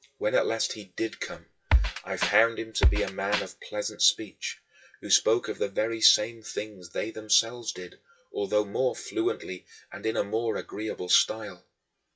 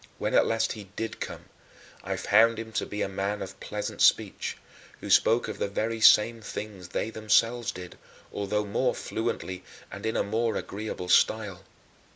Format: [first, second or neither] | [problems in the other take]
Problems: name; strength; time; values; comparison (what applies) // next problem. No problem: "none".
second | noise reduction (classical method WPE with log-MMSE)